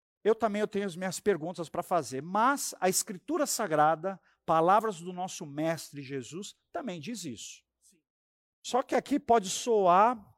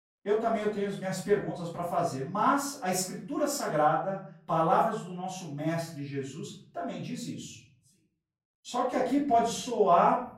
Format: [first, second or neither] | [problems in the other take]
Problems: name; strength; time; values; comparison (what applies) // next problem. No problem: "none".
first | off-mic speech; far // room echo; noticeable; dies away in 0.6 s